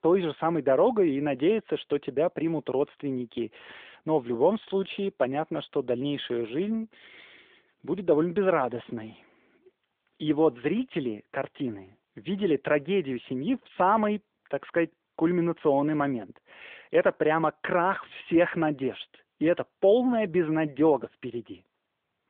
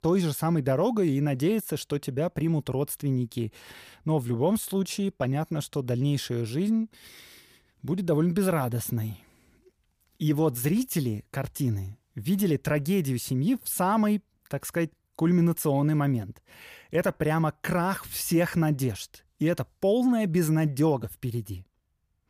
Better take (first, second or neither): second